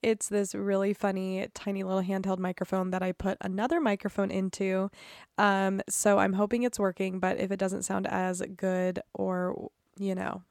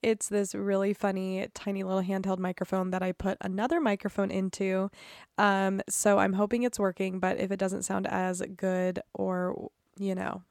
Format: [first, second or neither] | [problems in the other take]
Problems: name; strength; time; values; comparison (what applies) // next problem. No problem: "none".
neither | none